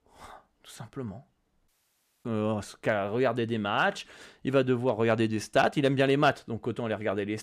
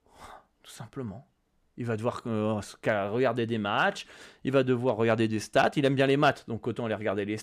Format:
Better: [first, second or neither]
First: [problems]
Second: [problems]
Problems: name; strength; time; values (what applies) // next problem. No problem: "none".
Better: second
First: audio cutting out; at 1.5 s for 0.5 s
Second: none